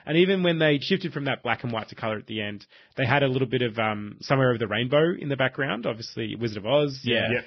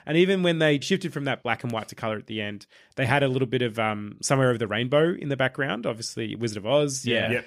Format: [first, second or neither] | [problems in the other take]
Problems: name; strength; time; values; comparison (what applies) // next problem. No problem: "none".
second | garbled, watery; badly; nothing above 5.5 kHz